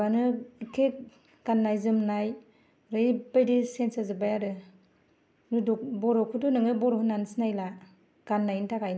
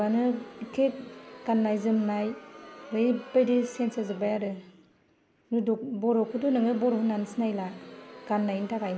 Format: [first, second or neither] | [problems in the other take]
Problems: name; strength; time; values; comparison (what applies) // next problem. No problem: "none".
first | background sound (Crowd); 18 dB below the speech